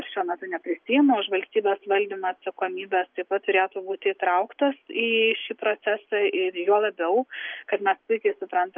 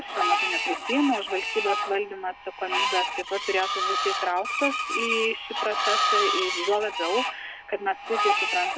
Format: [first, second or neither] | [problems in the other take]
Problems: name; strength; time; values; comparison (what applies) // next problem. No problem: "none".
first | background sound (Screech); 1 dB above the speech